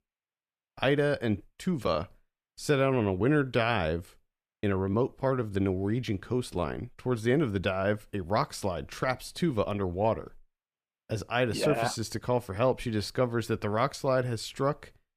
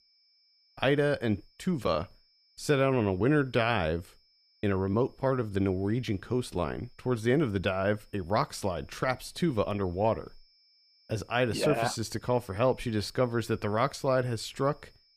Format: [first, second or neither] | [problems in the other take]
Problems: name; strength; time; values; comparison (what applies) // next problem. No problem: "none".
first | high-pitched whine; faint; throughout; 5.5 kHz, 35 dB below the speech